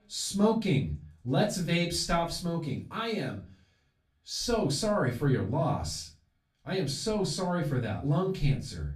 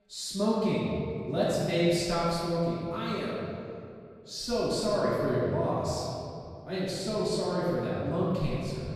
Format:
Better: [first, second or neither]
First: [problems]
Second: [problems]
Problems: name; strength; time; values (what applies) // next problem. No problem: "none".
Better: first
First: room echo; slight; dies away in 0.3 s // off-mic speech; far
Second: room echo; strong; dies away in 2.4 s // off-mic speech; far